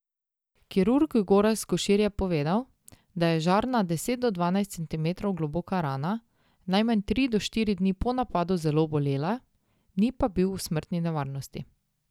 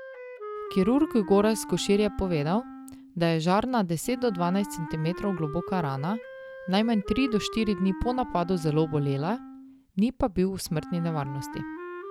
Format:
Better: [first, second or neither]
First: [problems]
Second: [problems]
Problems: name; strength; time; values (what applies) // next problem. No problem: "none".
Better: first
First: none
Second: background sound (Wind instrument, woodwind instrument); 13 dB below the speech